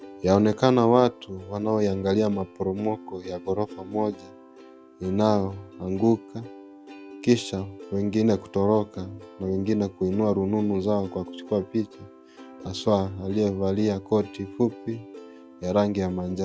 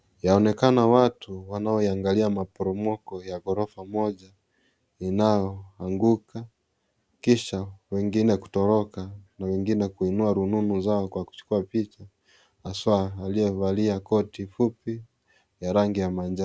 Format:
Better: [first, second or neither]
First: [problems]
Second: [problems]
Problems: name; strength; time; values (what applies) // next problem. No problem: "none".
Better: second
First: background sound (Plucked string instrument); 18 dB below the speech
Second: none